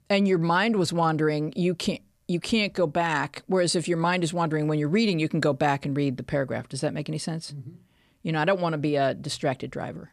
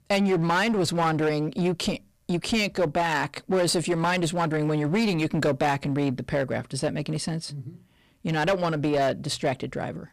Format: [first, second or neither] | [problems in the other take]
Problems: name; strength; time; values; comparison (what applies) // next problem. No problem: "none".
first | distortion; slight; 12% of the sound clipped